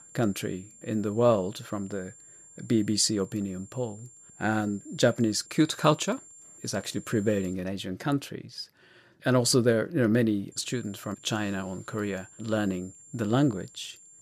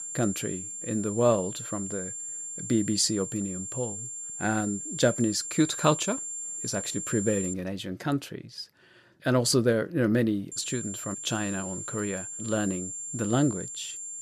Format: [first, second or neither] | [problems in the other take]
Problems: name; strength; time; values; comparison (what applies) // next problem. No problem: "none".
first | high-pitched whine; loud; until 7.5 s and from 11 s on; 7.5 kHz, 6 dB below the speech; faint in the first